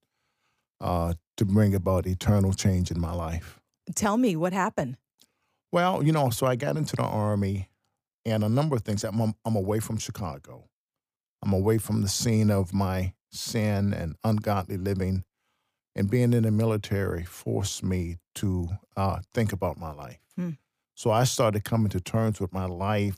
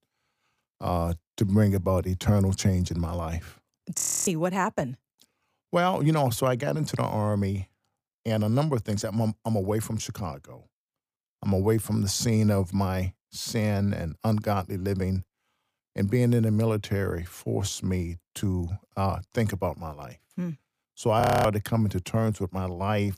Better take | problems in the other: first | audio freezing; at 4 s and at 21 s

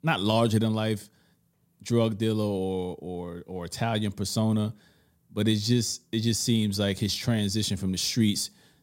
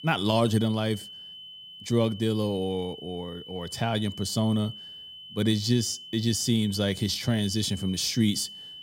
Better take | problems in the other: first | high-pitched whine; noticeable; throughout; 3 kHz, 15 dB below the speech

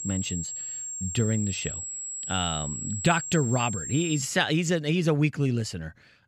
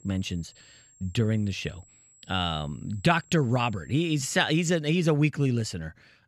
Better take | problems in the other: second | high-pitched whine; loud; until 4.5 s; 7.5 kHz, 6 dB below the speech; faint in the second

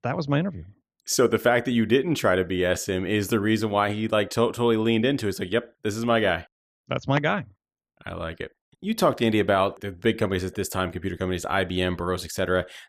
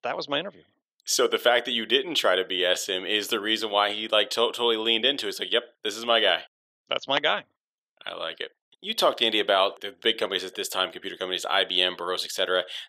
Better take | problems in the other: first | thin; somewhat; fading below 500 Hz

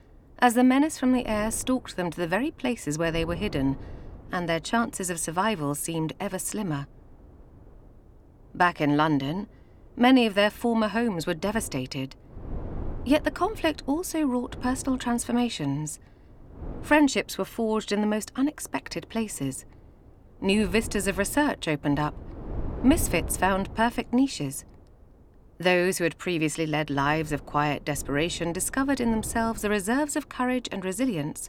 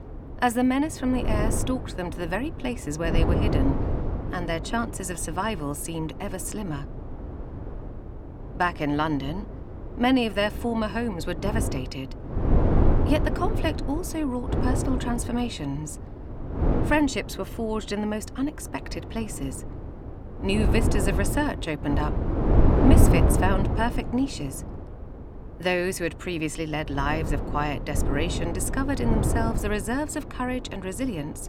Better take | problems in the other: first | wind noise on the microphone; heavy; 5 dB below the speech; occasional gusts in the first

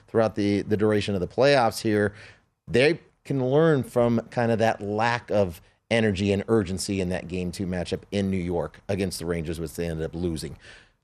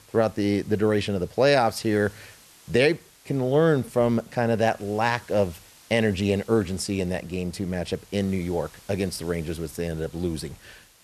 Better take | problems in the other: first | hiss; faint; throughout; 25 dB below the speech

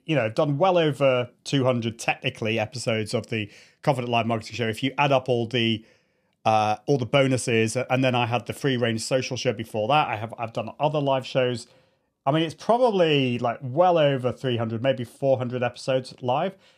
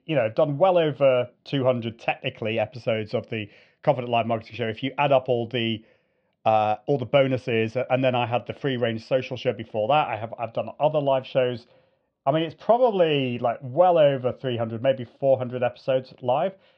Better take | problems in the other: first | muffled; very; fading above 4 kHz

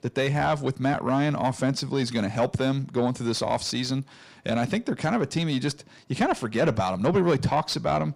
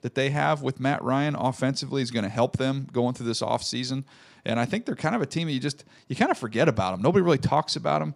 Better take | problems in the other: second | distortion; slight; 10 dB below the speech

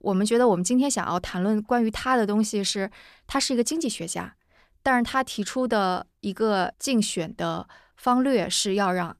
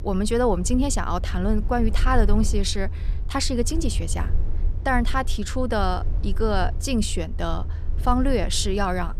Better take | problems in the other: first | low rumble; noticeable; throughout; 20 dB below the speech

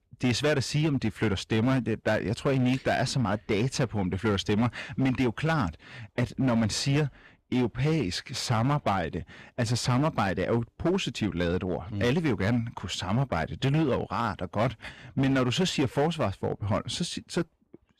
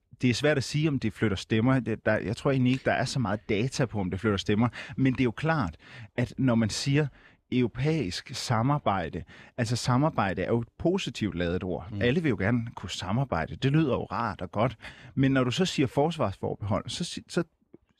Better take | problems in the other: second | distortion; slight; 9% of the sound clipped

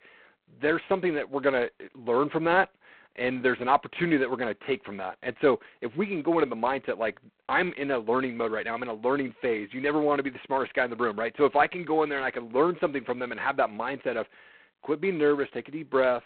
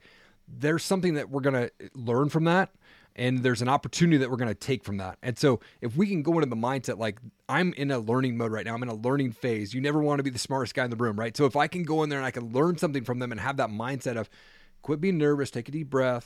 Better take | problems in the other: second | phone-call audio; poor line; nothing above 4 kHz

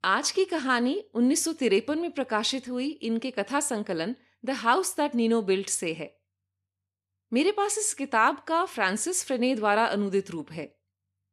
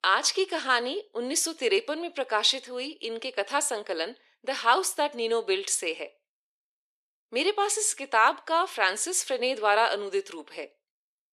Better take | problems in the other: first | thin; very; fading below 400 Hz

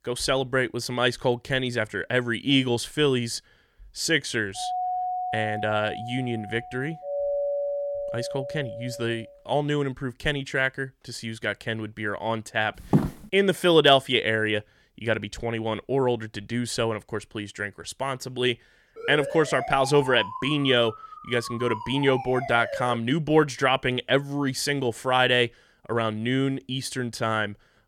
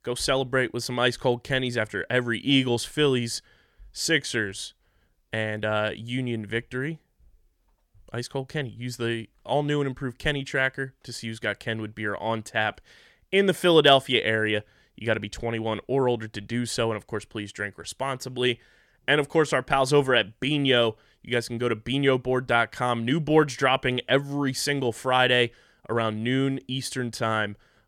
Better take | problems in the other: second | doorbell; noticeable; from 4.5 to 9.5 s; peak 1 dB below the speech // footsteps; loud; at 13 s; peak 1 dB above the speech // siren; noticeable; from 19 to 23 s; peak 7 dB below the speech

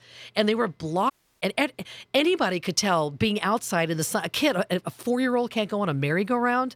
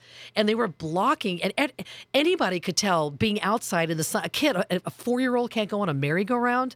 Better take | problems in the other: second | audio cutting out; at 1 s

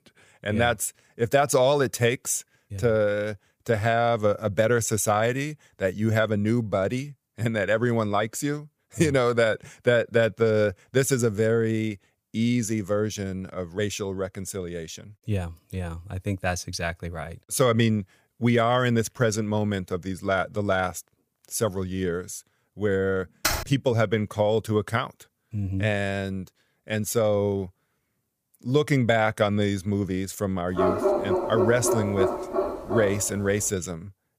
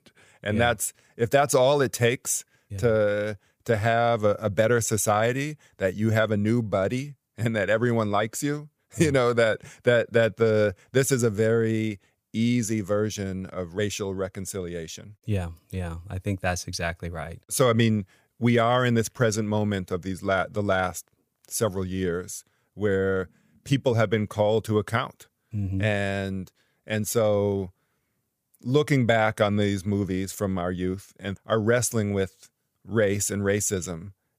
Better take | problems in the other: second | keyboard typing; noticeable; at 23 s; peak 1 dB below the speech // dog barking; loud; from 31 to 33 s; peak 2 dB above the speech

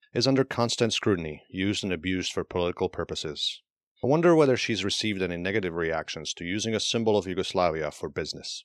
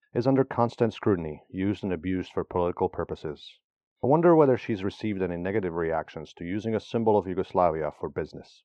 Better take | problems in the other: first | muffled; very; fading above 2.5 kHz

